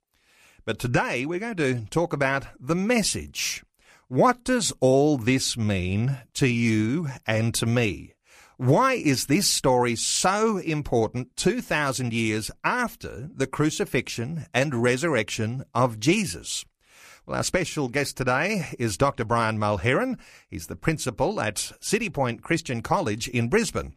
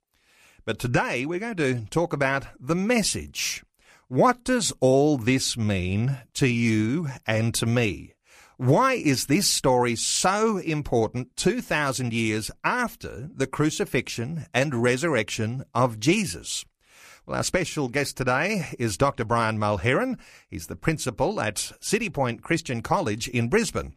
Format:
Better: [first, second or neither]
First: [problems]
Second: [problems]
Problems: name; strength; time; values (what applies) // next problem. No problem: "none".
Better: neither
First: none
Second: none